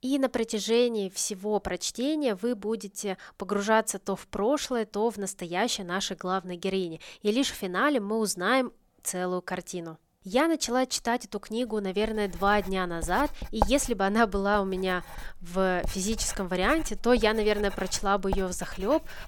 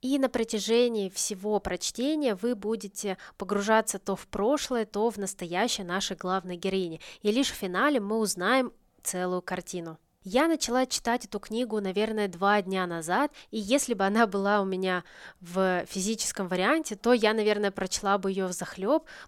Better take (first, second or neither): second